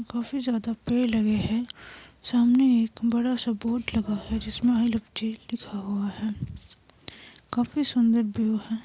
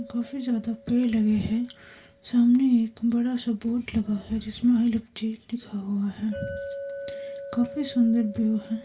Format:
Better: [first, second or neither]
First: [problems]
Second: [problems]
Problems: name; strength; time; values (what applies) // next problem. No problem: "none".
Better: first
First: none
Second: background sound (Chink, clink); 17 dB below the speech // room echo; dies away in 0.2 s